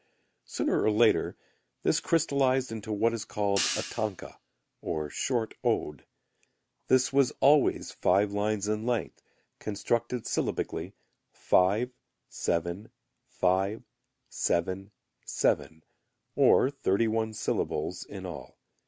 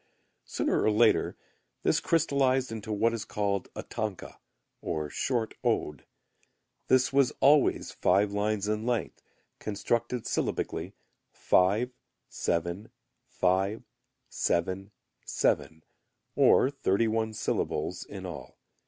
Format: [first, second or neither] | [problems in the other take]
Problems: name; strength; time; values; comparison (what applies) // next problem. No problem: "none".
second | background sound (Hi-hat); 8 dB below the speech